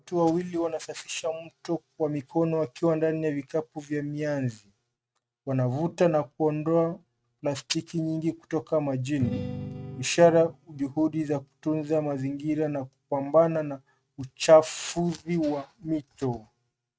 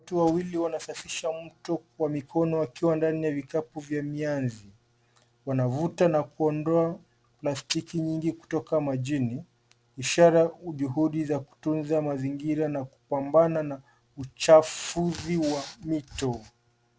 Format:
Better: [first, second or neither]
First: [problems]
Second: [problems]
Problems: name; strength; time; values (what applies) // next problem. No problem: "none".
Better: second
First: noise reduction (neural mask model RNNoise)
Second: none